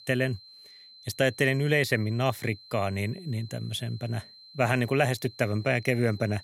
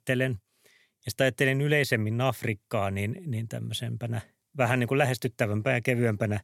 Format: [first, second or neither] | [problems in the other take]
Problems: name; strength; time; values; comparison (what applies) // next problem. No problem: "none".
second | high-pitched whine; faint; throughout; 4 kHz, 20 dB below the speech